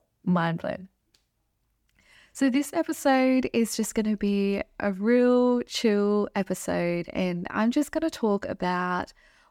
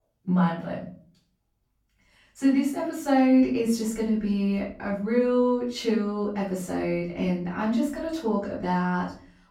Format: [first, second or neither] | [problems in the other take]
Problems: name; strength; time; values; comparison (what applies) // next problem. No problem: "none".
first | off-mic speech; far // room echo; noticeable; dies away in 0.4 s